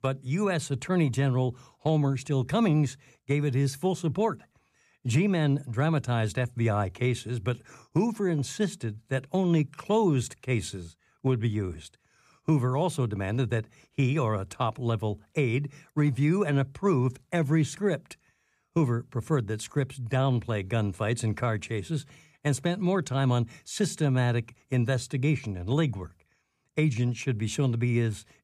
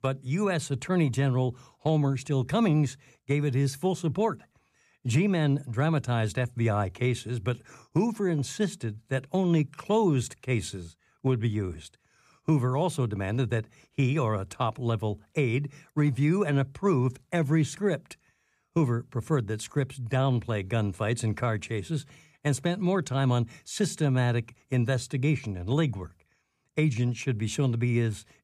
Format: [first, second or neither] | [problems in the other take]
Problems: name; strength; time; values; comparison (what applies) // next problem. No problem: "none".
neither | none